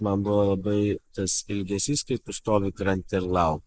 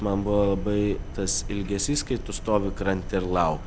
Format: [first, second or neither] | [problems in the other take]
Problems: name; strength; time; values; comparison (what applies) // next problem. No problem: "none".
second | noise reduction (neural mask model Resemble Enhance denoiser)